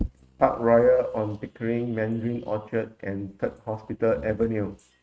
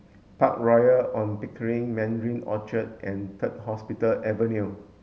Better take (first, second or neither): second